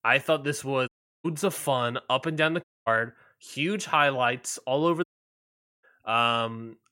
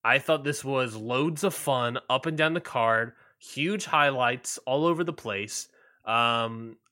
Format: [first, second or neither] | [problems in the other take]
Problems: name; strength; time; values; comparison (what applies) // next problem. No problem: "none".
second | audio cutting out; at 1 s, at 2.5 s and at 5 s for 1 s